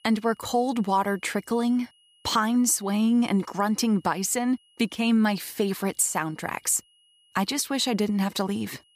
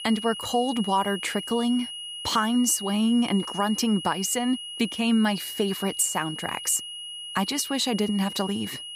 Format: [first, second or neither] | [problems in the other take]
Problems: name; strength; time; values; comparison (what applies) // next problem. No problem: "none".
first | high-pitched whine; loud; throughout; 3 kHz, 9 dB below the speech; faint in the first